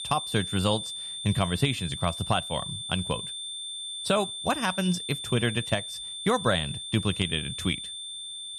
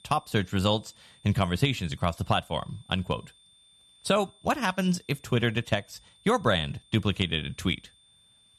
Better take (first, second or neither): second